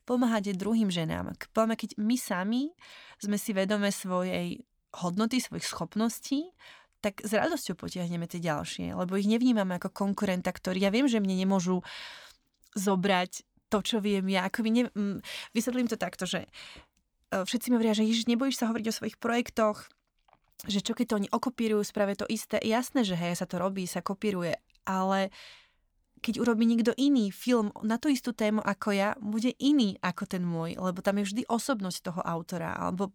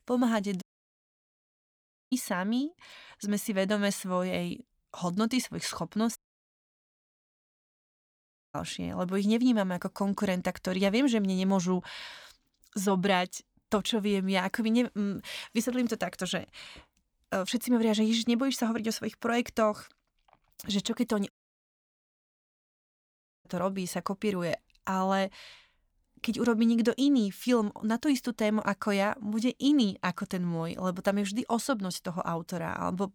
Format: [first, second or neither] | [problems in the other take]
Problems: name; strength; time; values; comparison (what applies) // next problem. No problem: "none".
first | audio cutting out; at 0.5 s for 1.5 s, at 6 s for 2.5 s and at 21 s for 2 s